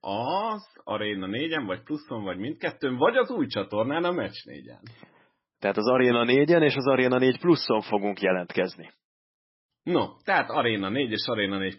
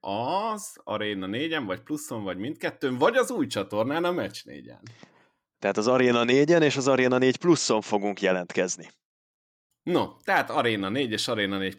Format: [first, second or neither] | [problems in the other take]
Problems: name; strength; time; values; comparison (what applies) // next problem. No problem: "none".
second | garbled, watery; badly; nothing above 5.5 kHz